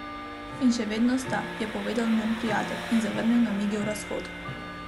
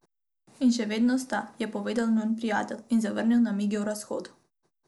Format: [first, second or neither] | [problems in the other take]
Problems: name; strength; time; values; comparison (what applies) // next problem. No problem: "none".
second | background sound (Tick-tock / Bell + Engine); 8 dB below the speech